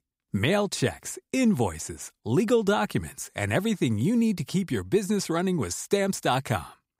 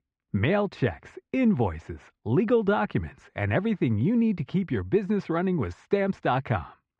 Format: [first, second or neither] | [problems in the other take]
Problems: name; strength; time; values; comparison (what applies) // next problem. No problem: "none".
first | muffled; very; fading above 2.5 kHz